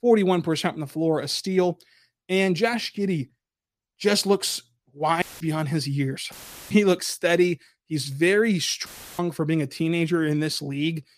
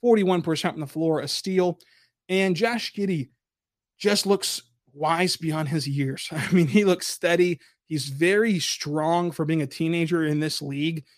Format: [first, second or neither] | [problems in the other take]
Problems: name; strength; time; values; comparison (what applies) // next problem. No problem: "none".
second | audio cutting out; filled with static; at 5 s, at 6.5 s and at 9 s